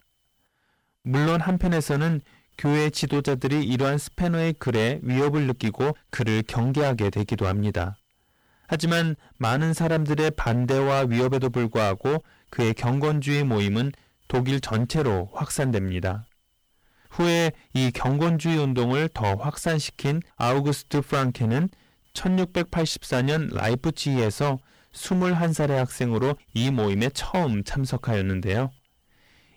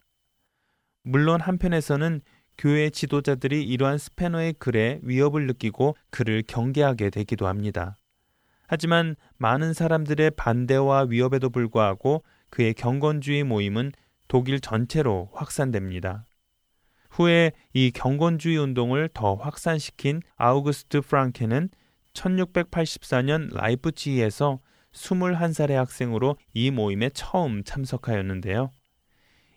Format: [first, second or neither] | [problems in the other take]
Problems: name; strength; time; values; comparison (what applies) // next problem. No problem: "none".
second | distortion; heavy; 15% of the sound clipped